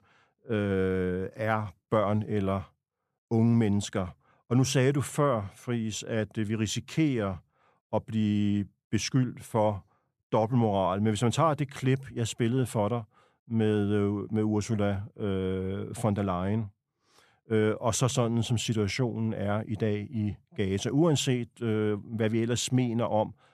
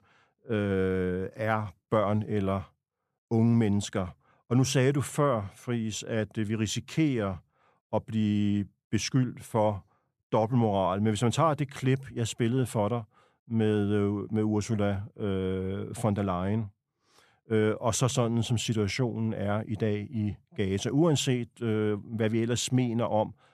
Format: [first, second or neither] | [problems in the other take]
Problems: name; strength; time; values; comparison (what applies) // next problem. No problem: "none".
neither | none